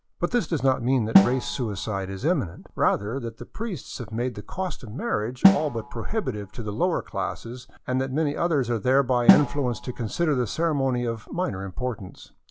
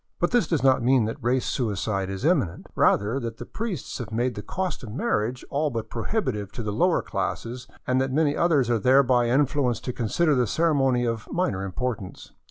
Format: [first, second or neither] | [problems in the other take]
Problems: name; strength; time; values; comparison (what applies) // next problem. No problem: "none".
second | background sound (Snare drum); 3 dB below the speech